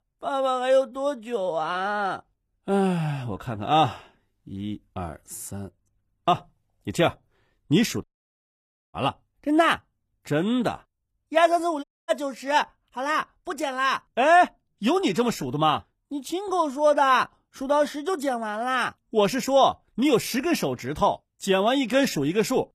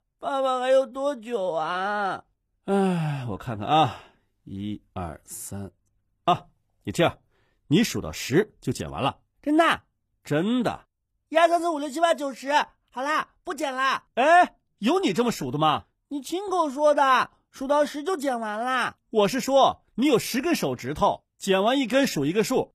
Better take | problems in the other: second | audio cutting out; at 8 s for 1 s and at 12 s

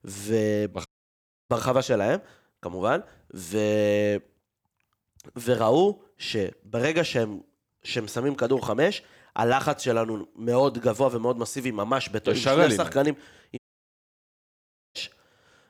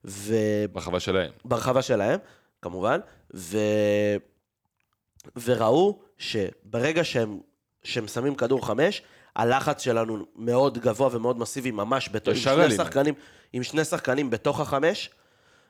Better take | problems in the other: second | audio cutting out; at 1 s for 0.5 s and at 14 s for 1.5 s

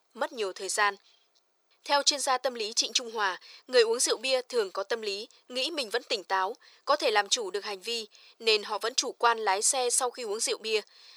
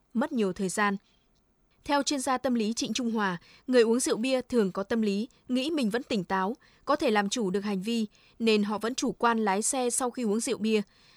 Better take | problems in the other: second | thin; very; fading below 450 Hz

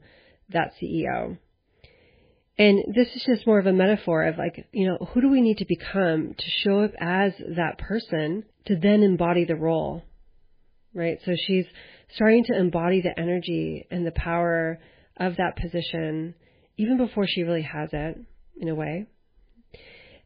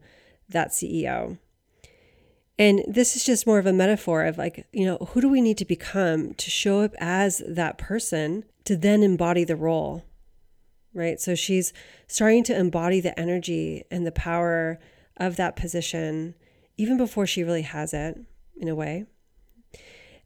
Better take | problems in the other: second | garbled, watery; badly; nothing above 5 kHz

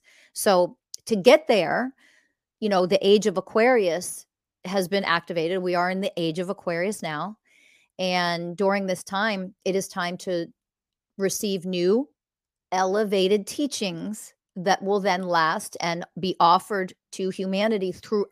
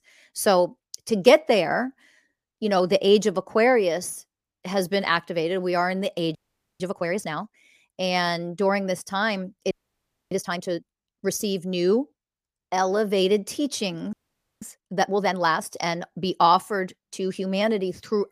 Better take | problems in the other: first | audio freezing; at 6.5 s, at 9.5 s for 0.5 s and at 14 s

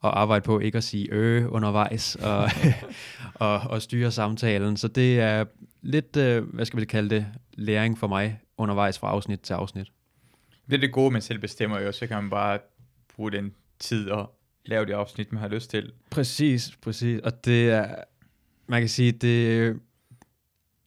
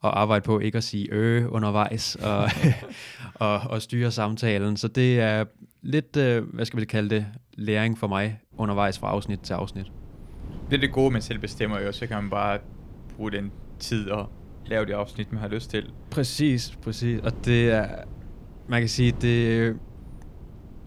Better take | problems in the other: first | wind noise on the microphone; occasional gusts; from 8.5 s on; 25 dB below the speech

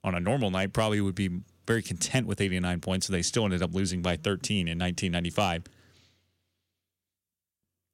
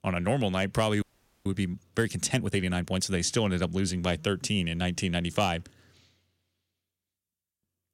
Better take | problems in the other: first | audio freezing; at 1 s

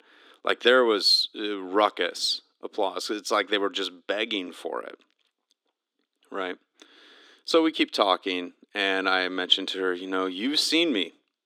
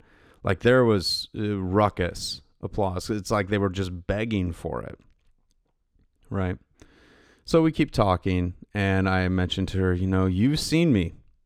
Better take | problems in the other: second | thin; somewhat; fading below 300 Hz

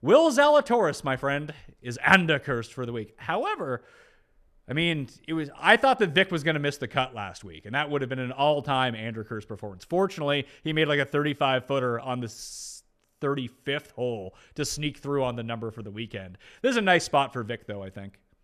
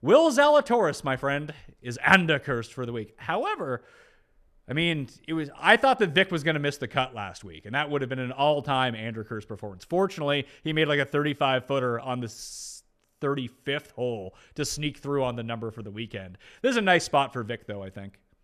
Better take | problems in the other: neither | none

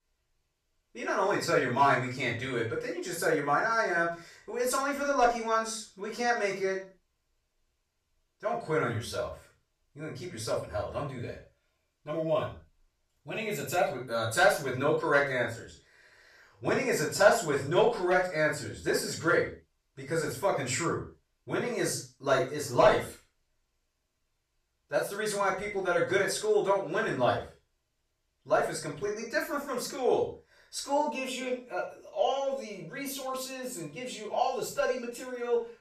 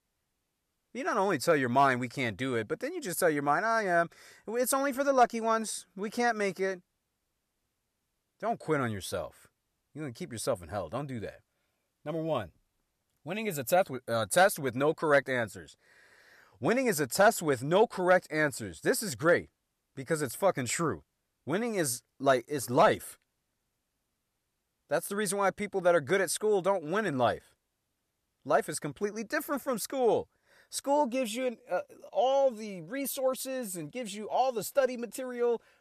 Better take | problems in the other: second | room echo; noticeable; dies away in 0.3 s // off-mic speech; far

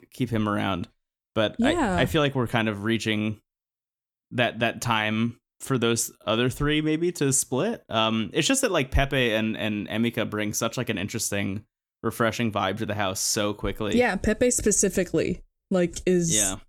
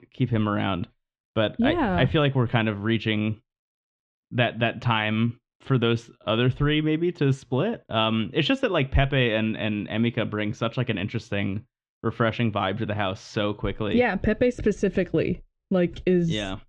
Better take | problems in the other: first | muffled; very; fading above 3.5 kHz

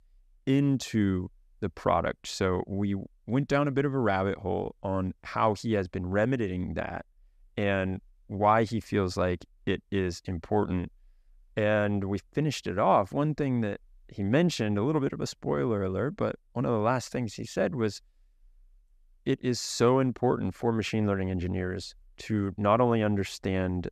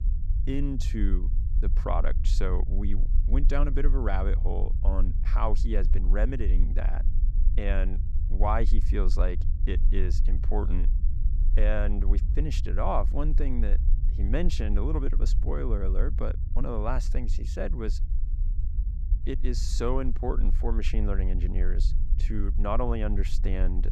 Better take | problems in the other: first | low rumble; noticeable; throughout; 15 dB below the speech

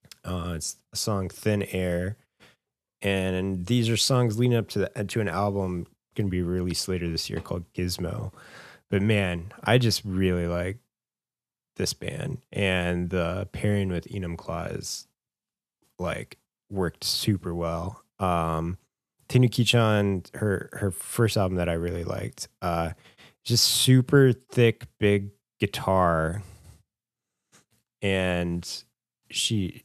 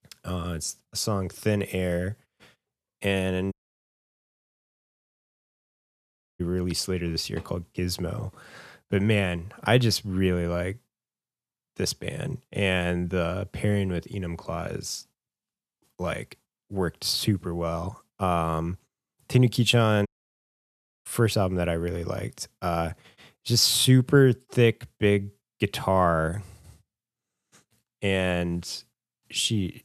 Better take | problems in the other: first | audio cutting out; at 3.5 s for 3 s and at 20 s for 1 s

